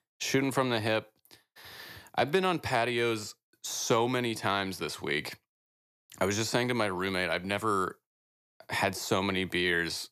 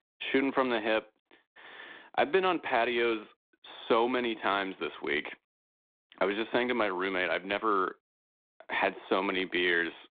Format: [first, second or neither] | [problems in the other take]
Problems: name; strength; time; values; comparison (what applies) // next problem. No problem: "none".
first | phone-call audio; nothing above 3.5 kHz